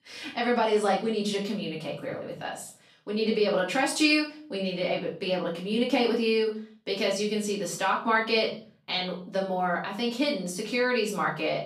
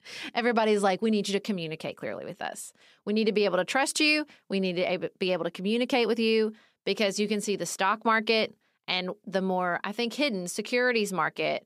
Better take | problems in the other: second | off-mic speech; far // room echo; slight; dies away in 0.5 s

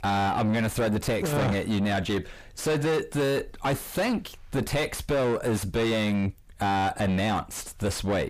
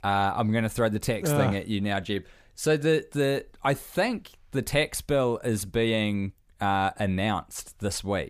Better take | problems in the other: second | distortion; heavy; 5 dB below the speech

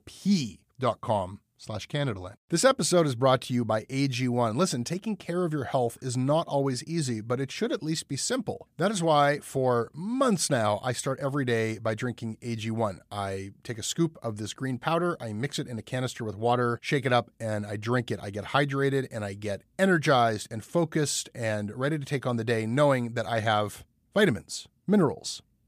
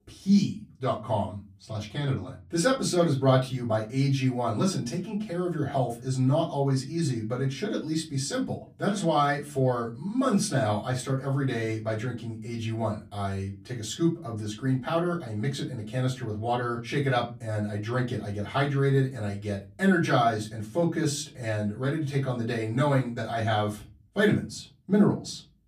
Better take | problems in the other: first | off-mic speech; far // room echo; very slight; dies away in 0.4 s

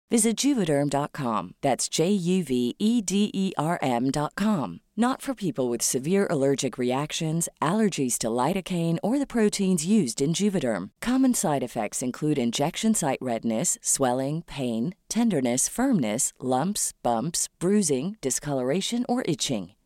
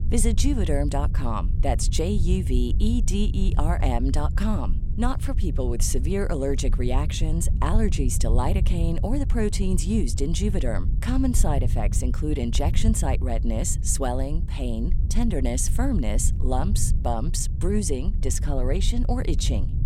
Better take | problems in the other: first | low rumble; noticeable; throughout; 15 dB below the speech

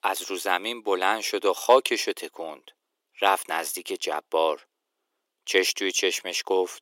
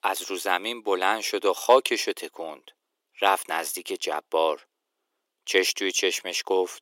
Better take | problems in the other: neither | thin; very; fading below 350 Hz; the same in both

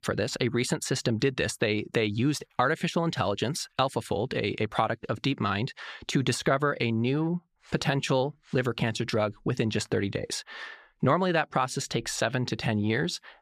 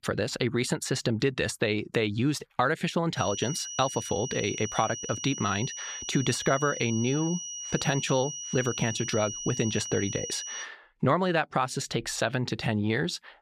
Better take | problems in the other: first | high-pitched whine; loud; from 3 to 11 s; 6 kHz, 7 dB below the speech

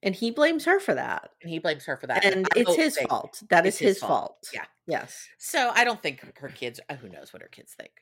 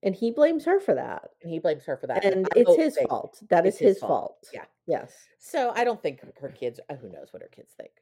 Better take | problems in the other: first | muffled; slightly; fading above 1 kHz

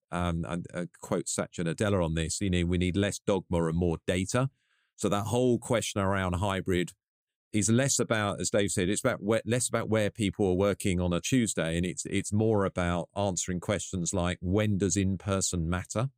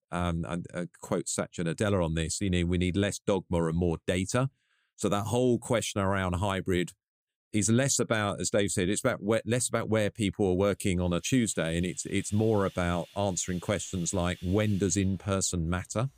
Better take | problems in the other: first | household noises; faint; from 11 s on; 25 dB below the speech

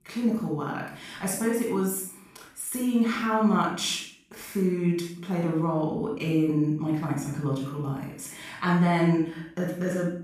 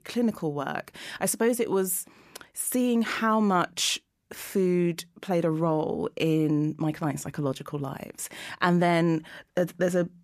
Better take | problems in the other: second | off-mic speech; far // room echo; noticeable; dies away in 0.5 s

